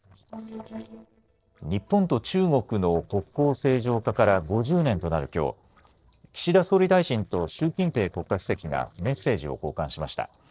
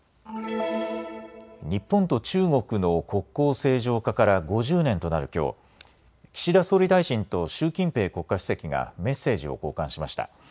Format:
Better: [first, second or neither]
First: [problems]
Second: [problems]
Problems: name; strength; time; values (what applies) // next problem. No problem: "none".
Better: second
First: noise reduction (neural separator model SepFormer DNS4)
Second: none